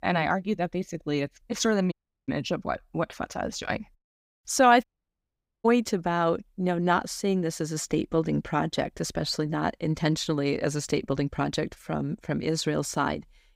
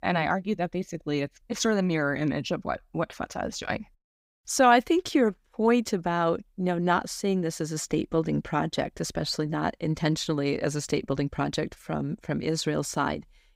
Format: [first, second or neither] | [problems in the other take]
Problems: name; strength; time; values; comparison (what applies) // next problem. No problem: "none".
second | audio cutting out; at 2 s and at 5 s for 1 s